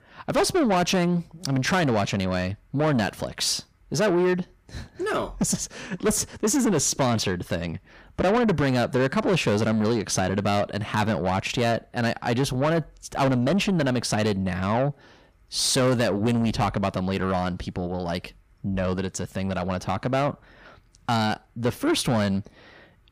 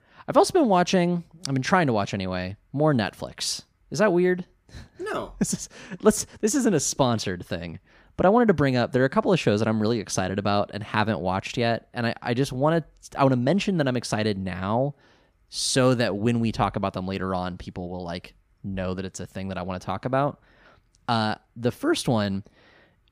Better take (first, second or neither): second